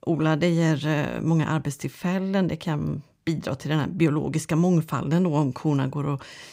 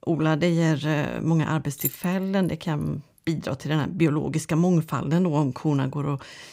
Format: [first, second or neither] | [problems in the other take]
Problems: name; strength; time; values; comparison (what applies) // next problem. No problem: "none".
first | jangling keys; noticeable; at 2 s; peak 4 dB below the speech